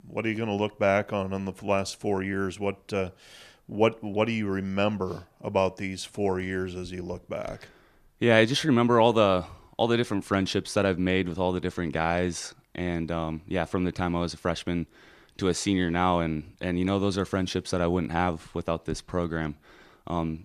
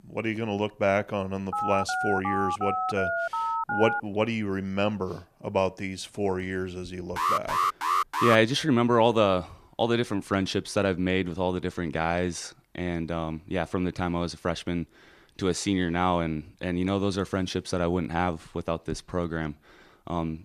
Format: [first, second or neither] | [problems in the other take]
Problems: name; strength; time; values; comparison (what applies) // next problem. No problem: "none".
first | phone ringing; noticeable; from 1.5 to 4 s; peak level with the speech // alarm; loud; from 7 to 8.5 s; peak 3 dB above the speech